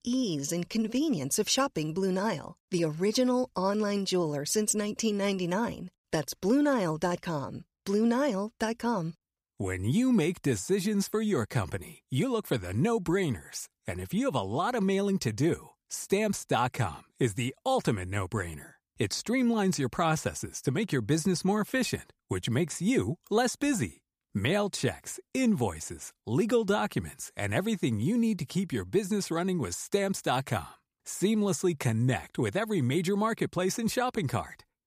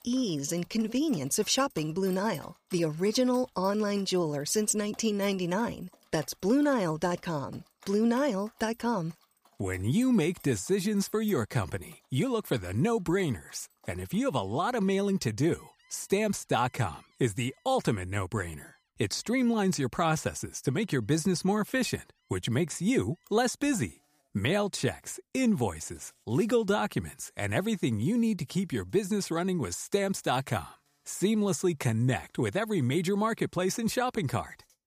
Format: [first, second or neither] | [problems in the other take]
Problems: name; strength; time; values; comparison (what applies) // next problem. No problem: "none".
first | animal sounds; faint; throughout; 30 dB below the speech